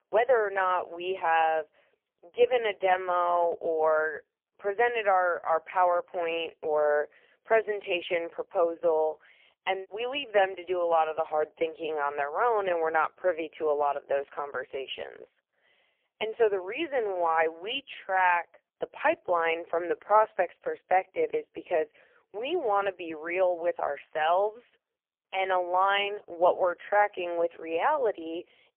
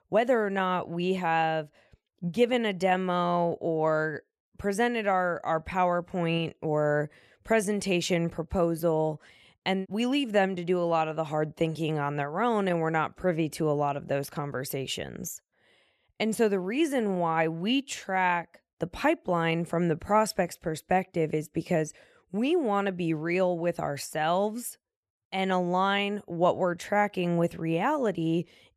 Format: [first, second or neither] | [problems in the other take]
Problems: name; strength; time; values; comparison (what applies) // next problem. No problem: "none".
second | phone-call audio; poor line; nothing above 3 kHz